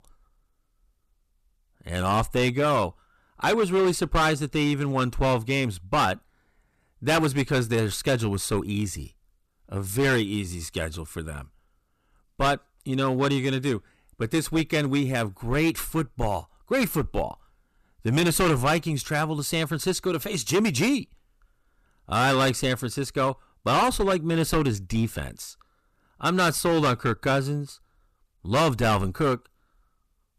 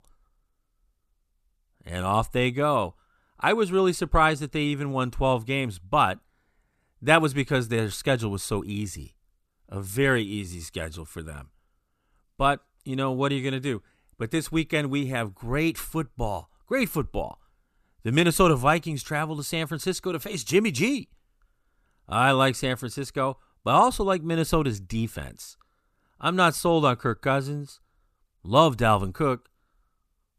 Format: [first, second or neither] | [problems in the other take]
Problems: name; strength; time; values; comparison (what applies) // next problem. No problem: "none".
second | distortion; heavy; 8% of the sound clipped